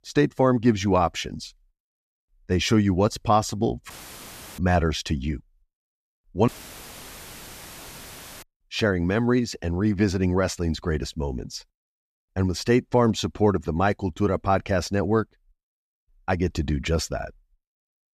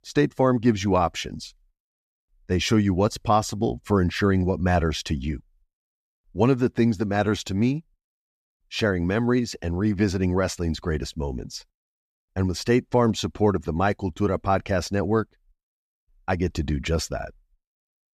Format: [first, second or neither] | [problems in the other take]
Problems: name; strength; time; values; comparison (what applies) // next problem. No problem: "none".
second | audio cutting out; filled with static; at 4 s for 0.5 s and at 6.5 s for 2 s